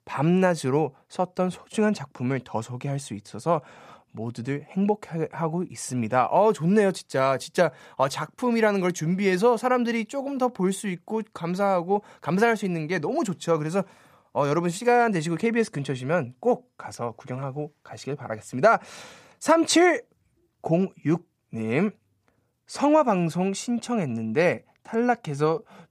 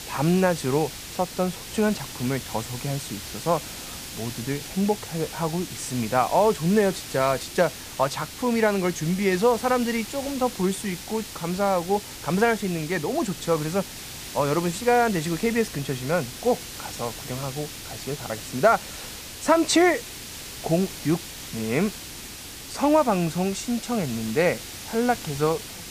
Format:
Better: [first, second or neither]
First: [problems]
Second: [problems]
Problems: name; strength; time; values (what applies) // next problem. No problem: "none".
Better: first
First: none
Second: hiss; noticeable; throughout; 10 dB below the speech